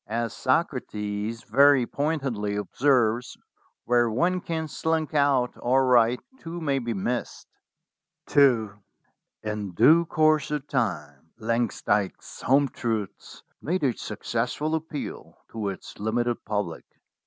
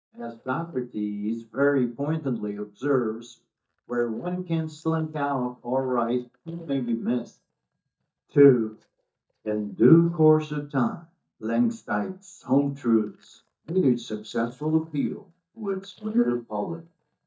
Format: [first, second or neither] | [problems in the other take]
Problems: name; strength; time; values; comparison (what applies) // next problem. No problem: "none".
first | noise reduction (neural mask model DeepFilterNet 3)